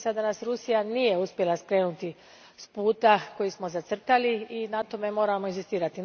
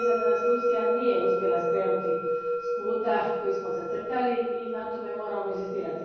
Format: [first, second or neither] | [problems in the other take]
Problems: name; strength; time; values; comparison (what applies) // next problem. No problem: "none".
first | background sound (Musical instrument); 3 dB above the speech // room echo; dies away in 1.3 s